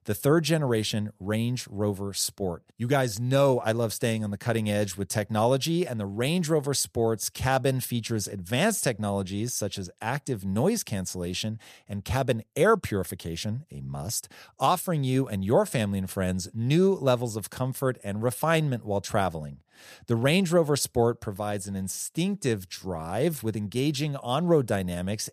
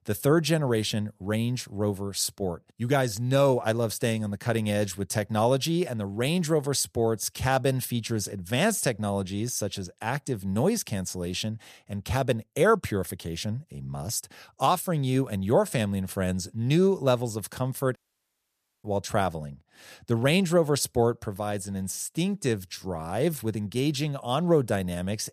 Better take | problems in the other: first | audio cutting out; at 18 s for 1 s

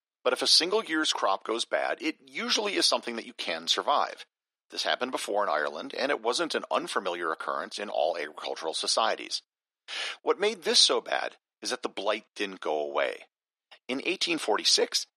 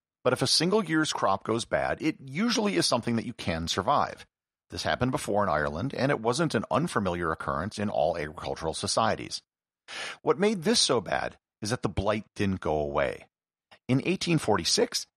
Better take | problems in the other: second | thin; somewhat; fading below 300 Hz

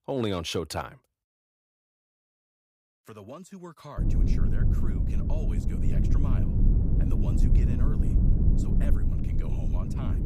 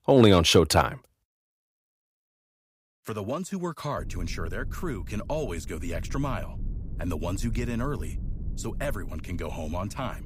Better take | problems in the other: second | low rumble; loud; from 4 s on; 1 dB below the speech; faint in the second

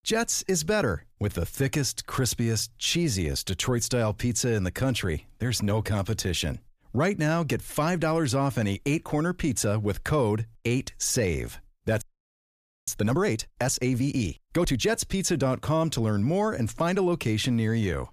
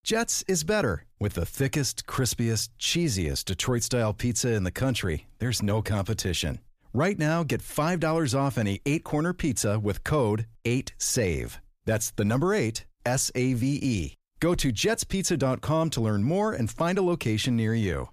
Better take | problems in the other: second | audio freezing; at 12 s for 1 s

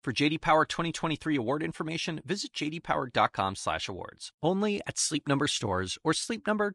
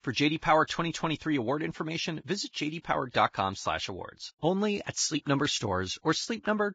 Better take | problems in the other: first | garbled, watery; badly; nothing above 7.5 kHz; slightly in the first

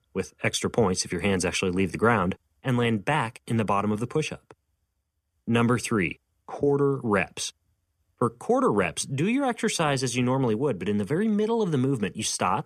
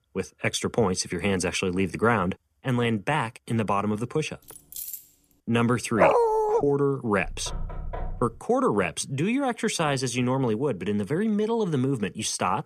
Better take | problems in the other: first | jangling keys; noticeable; at 4.5 s; peak 8 dB below the speech // dog barking; loud; at 6 s; peak 6 dB above the speech // door banging; faint; from 7 to 8.5 s; peak 10 dB below the speech

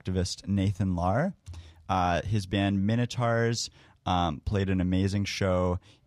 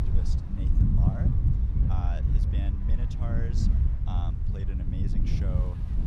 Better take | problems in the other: first | wind noise on the microphone; heavy; 3 dB above the speech

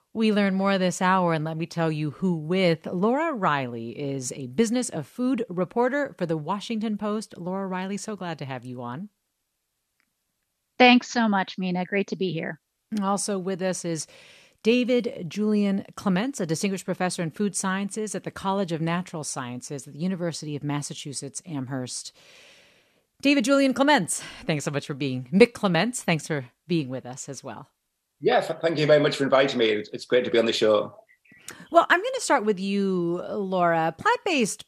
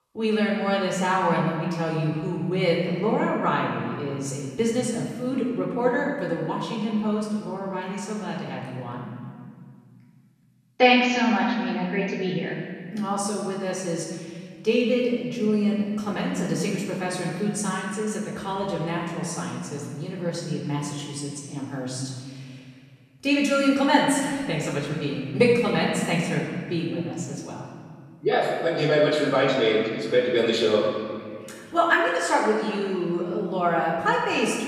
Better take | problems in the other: first | off-mic speech; far // room echo; noticeable; dies away in 1.9 s

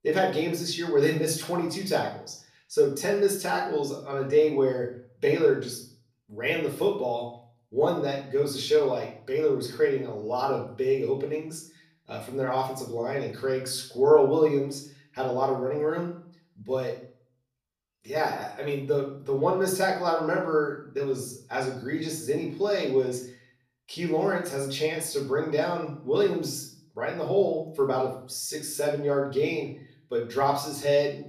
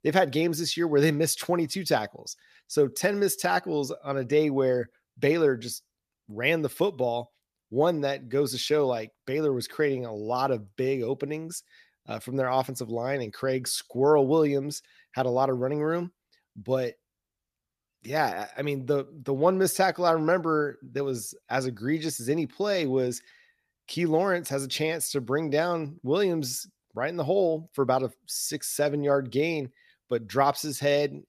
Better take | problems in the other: second | off-mic speech; far // room echo; slight; dies away in 0.5 s

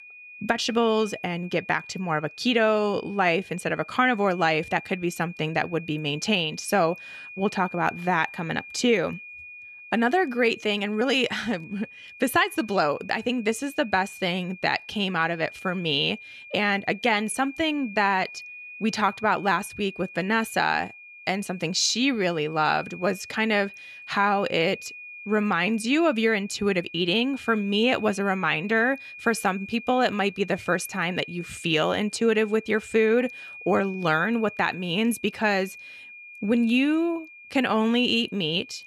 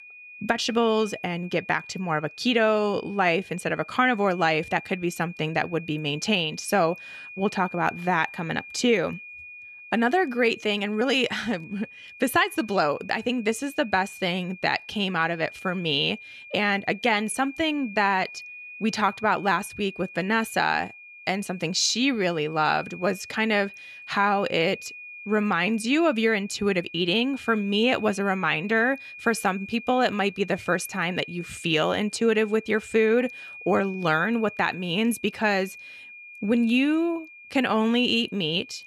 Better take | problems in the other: neither | high-pitched whine; noticeable; throughout; 2.5 kHz, 15 dB below the speech; the same in both

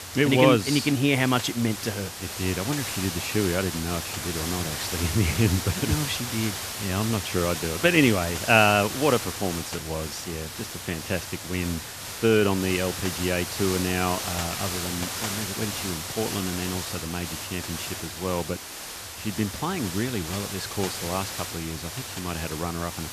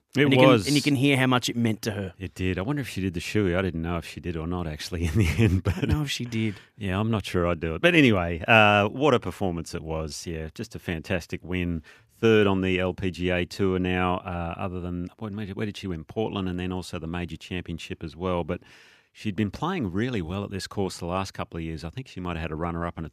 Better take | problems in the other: second | hiss; loud; throughout; 5 dB below the speech

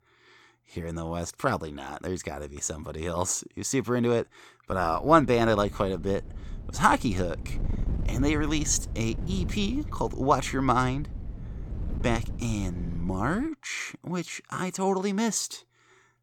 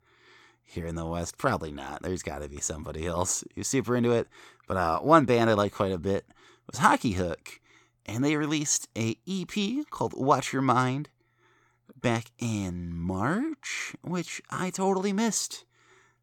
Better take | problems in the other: second | wind noise on the microphone; occasional gusts; from 4.5 to 13 s; 20 dB below the speech

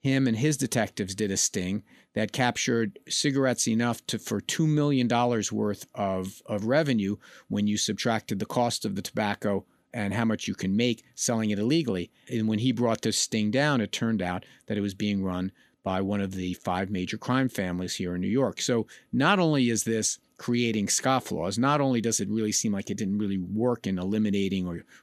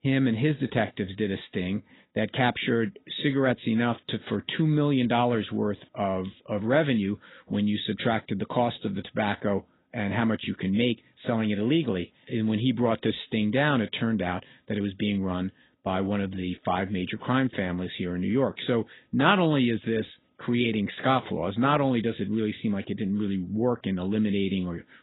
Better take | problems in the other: first | garbled, watery; badly; nothing above 4 kHz

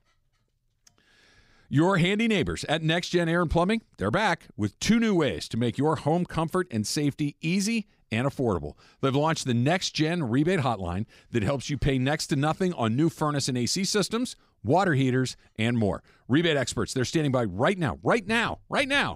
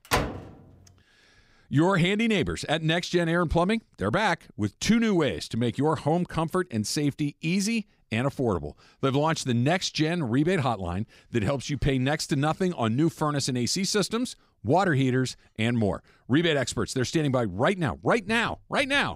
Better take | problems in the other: first | door banging; noticeable; at the start; peak 1 dB below the speech

